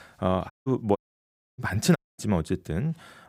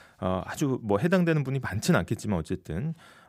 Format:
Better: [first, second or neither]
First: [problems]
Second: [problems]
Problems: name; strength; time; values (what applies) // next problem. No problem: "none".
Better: second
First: audio cutting out; at 0.5 s, at 1 s for 0.5 s and at 2 s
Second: none